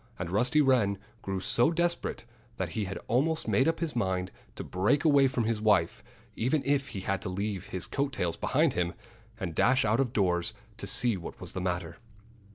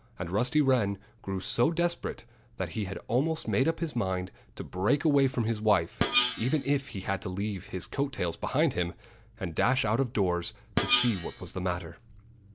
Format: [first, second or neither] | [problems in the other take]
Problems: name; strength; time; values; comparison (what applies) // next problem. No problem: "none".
first | background sound (Screech); 4 dB below the speech